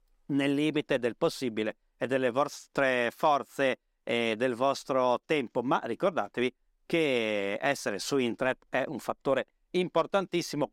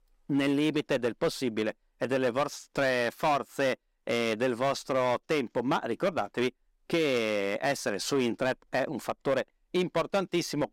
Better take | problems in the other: first | distortion; slight; 7% of the sound clipped

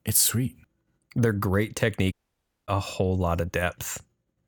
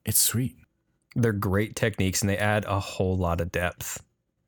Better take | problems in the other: second | audio cutting out; at 2 s for 0.5 s

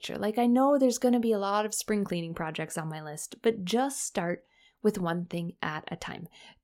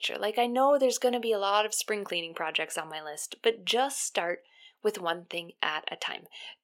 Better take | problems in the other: first | thin; somewhat; fading below 500 Hz

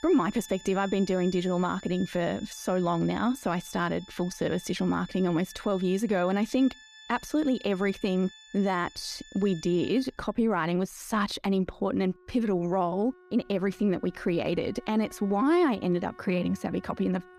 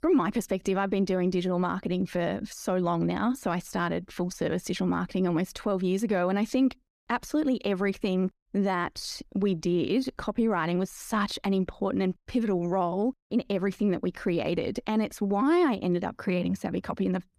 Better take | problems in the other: second | background music; faint; throughout; 20 dB below the speech

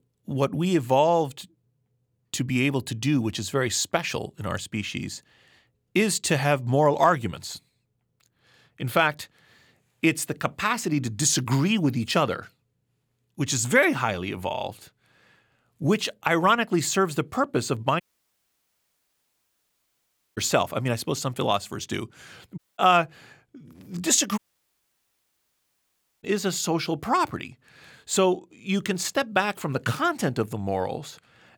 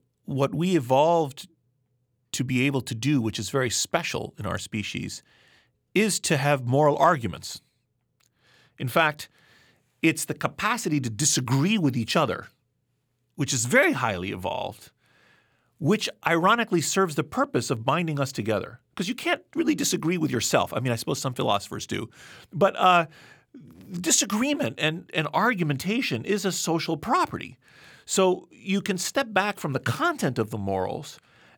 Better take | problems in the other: second | audio cutting out; at 18 s for 2.5 s, at 23 s and at 24 s for 2 s

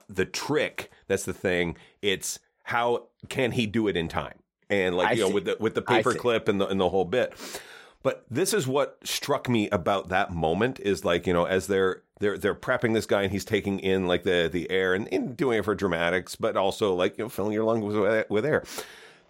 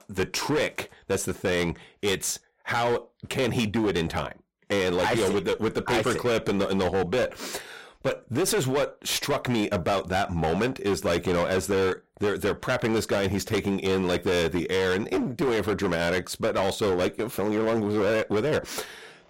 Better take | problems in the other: first | distortion; heavy; 19% of the sound clipped

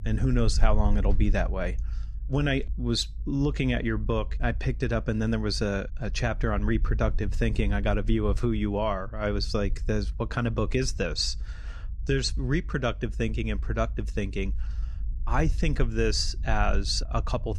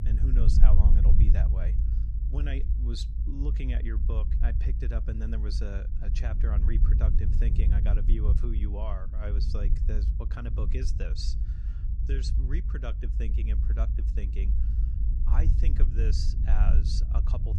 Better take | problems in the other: first | low rumble; loud; throughout; 4 dB below the speech; faint in the first

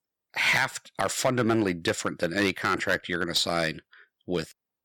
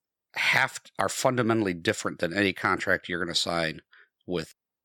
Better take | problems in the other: second | distortion; slight; 3% of the sound clipped

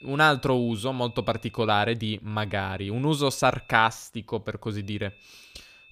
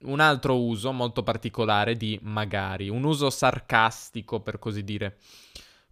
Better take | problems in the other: second | high-pitched whine; faint; until 1.5 s, from 2.5 to 4 s and from 5 s on; 2.5 kHz, 25 dB below the speech

